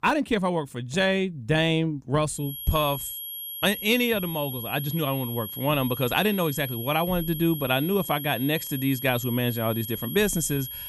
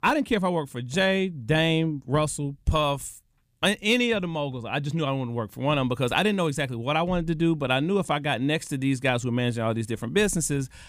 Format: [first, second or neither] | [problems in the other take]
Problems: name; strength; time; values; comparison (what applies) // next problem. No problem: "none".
second | high-pitched whine; loud; from 2.5 s on; 11.5 kHz, 8 dB below the speech